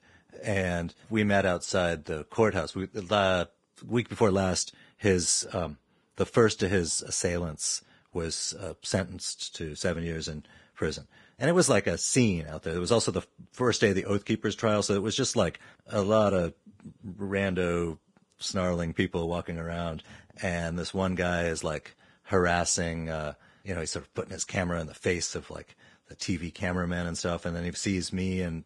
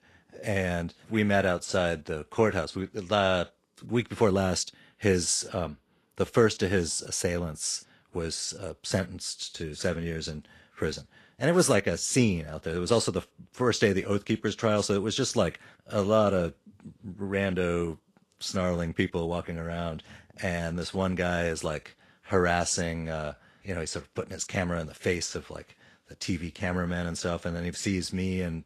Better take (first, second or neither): second